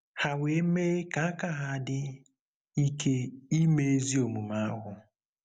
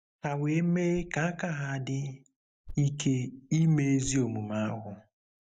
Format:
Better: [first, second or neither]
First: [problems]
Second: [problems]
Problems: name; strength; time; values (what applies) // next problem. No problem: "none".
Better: first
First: none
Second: noise reduction (neural mask model DeepFilterNet 3)